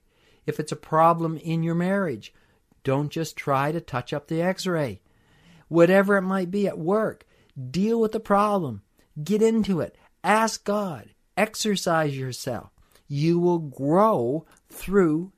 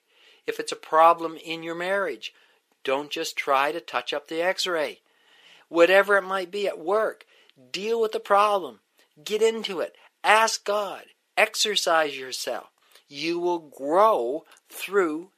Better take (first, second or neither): first